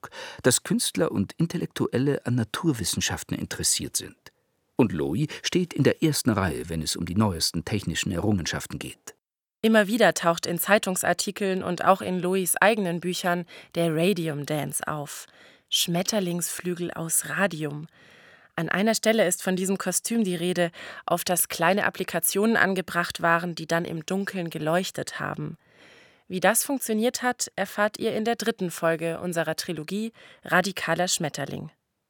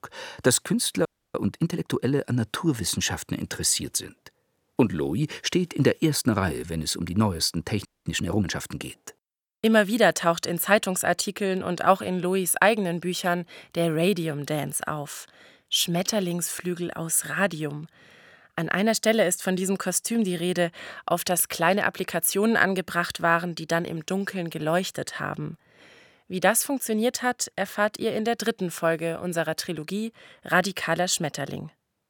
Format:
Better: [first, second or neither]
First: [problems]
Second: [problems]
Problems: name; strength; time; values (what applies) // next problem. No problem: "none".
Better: first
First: none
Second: audio freezing; at 1 s and at 8 s